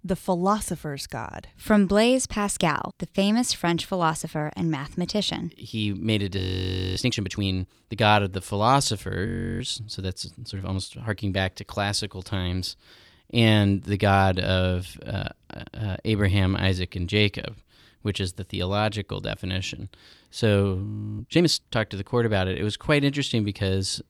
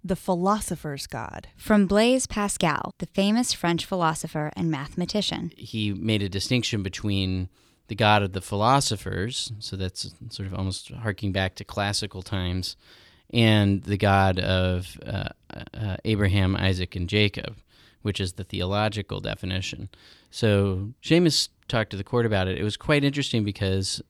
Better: second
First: audio freezing; at 6.5 s for 0.5 s, at 9.5 s and at 21 s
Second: none

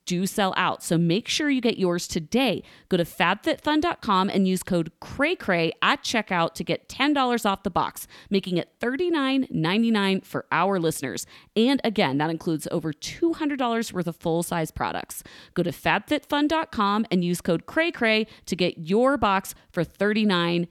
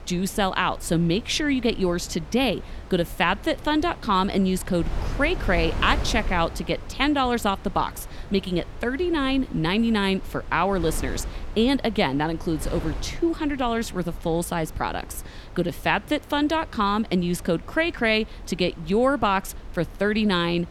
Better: first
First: none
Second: wind noise on the microphone; occasional gusts; 20 dB below the speech

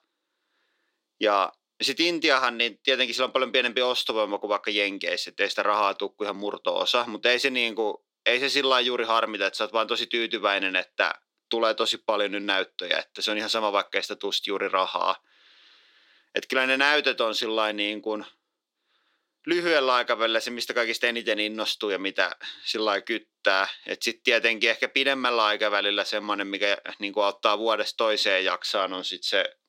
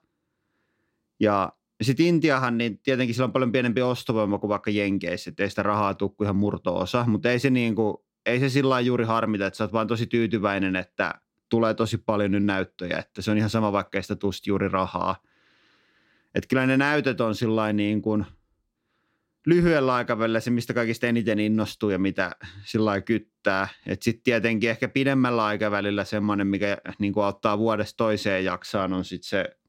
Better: second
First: thin; very; fading below 400 Hz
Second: none

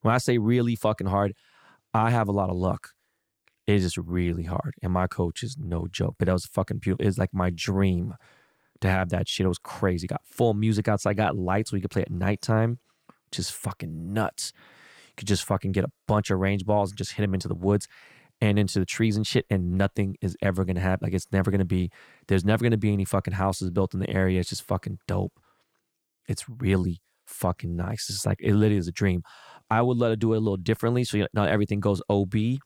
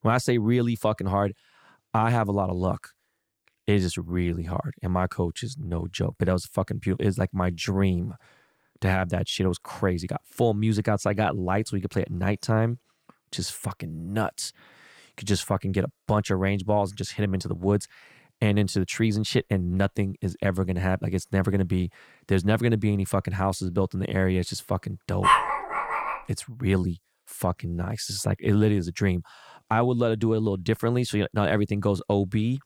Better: first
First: none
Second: dog barking; loud; at 25 s; peak 6 dB above the speech

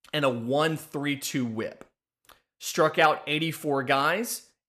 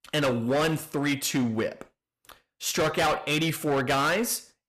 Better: first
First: none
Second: distortion; heavy; 14% of the sound clipped

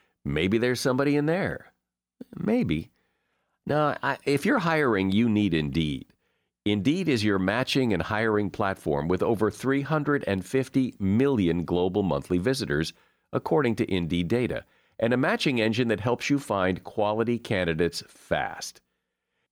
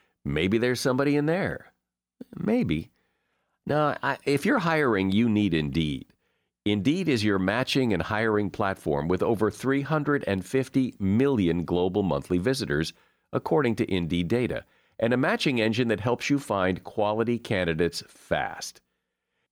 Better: neither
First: none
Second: none

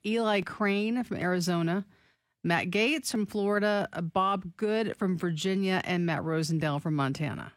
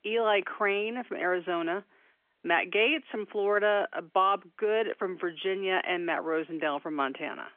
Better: first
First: none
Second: phone-call audio; nothing above 3 kHz

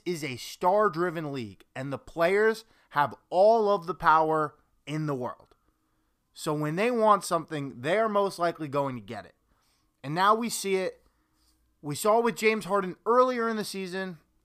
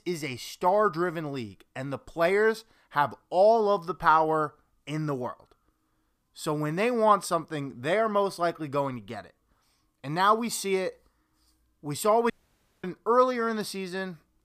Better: first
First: none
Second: audio cutting out; at 12 s for 0.5 s

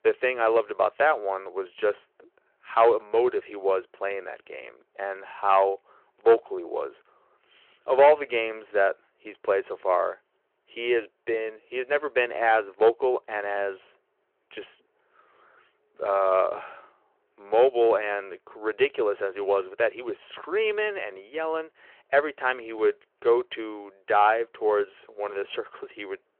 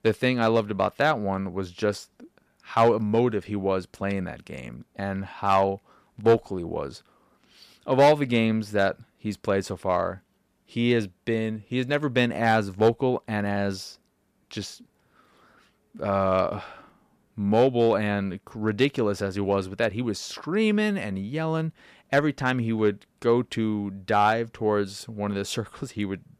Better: second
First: phone-call audio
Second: none

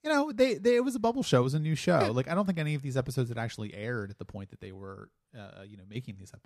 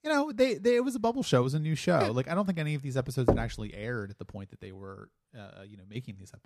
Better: first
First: none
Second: door banging; loud; at 3.5 s; peak level with the speech

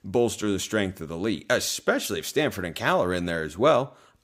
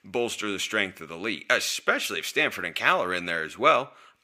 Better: first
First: none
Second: thin; somewhat; fading below 650 Hz

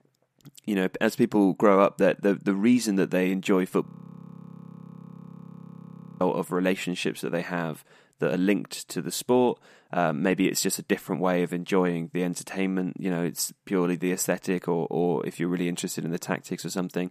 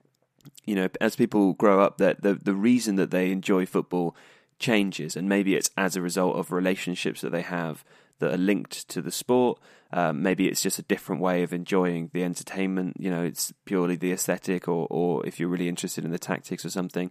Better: second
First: audio freezing; at 4 s for 2.5 s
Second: none

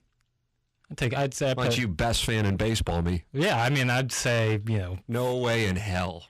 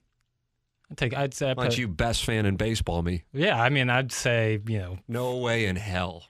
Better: second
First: distortion; slight; 10% of the sound clipped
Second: none

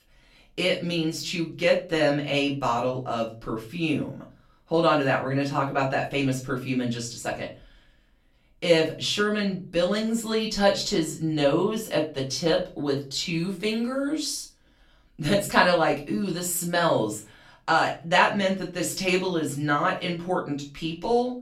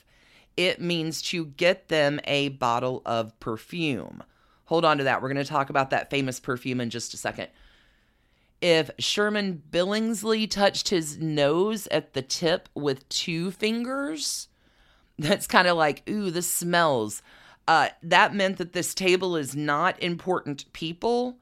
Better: second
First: room echo; slight; dies away in 0.3 s // off-mic speech; far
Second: none

